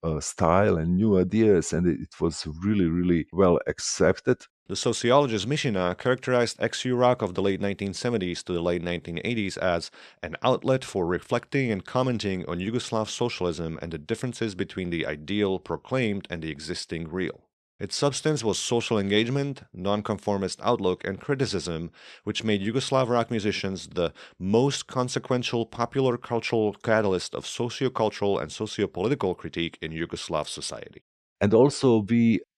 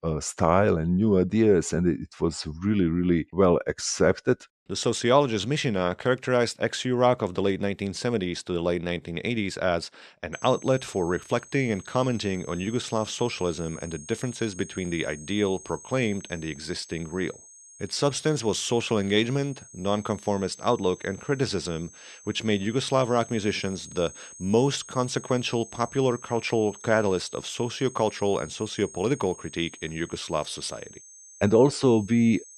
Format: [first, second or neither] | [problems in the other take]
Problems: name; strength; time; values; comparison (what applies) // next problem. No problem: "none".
first | high-pitched whine; noticeable; from 10 s on; 6.5 kHz, 20 dB below the speech